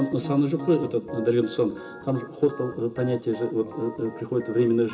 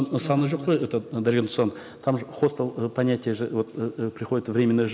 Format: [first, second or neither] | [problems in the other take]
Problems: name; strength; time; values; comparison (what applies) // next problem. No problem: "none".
second | background sound (Organ); 16 dB below the speech // room echo; dies away in 0.2 s